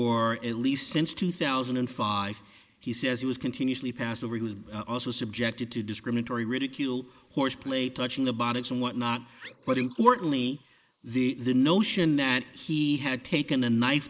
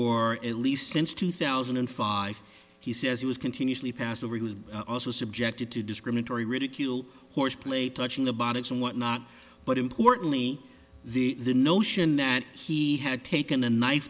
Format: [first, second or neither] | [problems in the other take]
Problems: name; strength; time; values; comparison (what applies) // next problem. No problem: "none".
second | noise reduction (neural mask model Resemble Enhance denoiser)